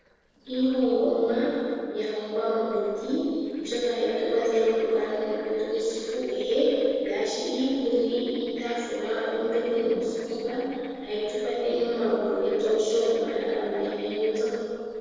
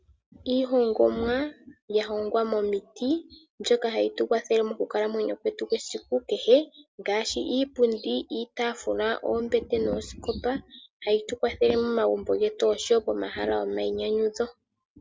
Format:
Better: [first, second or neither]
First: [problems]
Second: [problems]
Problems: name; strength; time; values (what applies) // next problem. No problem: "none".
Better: second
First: noise reduction (neural separator model SepFormer DNS4)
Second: none